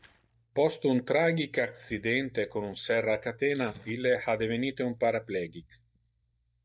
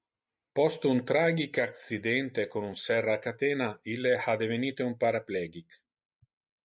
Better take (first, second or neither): second